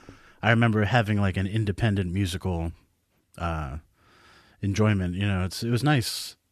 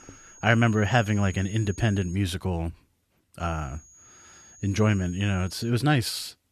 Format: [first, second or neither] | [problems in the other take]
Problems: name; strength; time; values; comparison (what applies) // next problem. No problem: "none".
first | high-pitched whine; faint; until 2 s and from 3.5 to 5.5 s; 6.5 kHz, 20 dB below the speech